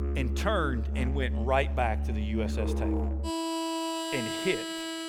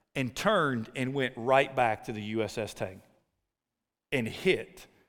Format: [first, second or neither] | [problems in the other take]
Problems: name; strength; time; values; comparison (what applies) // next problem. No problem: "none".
second | background music; very loud; throughout; 1 dB above the speech